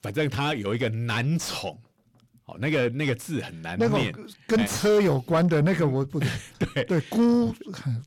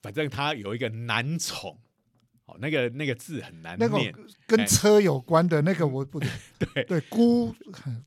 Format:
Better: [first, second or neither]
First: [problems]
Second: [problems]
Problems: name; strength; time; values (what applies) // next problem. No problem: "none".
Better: second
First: distortion; heavy; 7 dB below the speech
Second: none